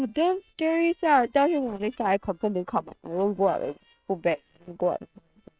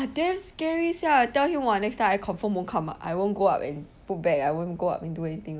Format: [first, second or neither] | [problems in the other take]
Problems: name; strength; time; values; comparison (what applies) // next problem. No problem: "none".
second | noise reduction (neural separator model SepFormer WHAM!)